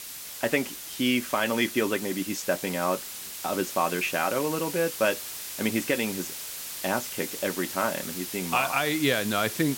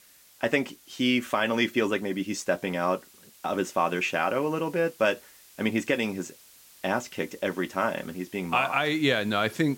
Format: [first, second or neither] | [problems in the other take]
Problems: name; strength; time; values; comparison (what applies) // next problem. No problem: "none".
second | hiss; loud; throughout; 7 dB below the speech; faint in the second